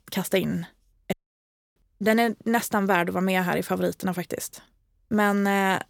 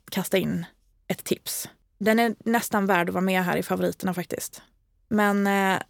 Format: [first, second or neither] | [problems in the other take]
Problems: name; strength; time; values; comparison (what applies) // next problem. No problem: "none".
second | audio cutting out; at 1 s for 0.5 s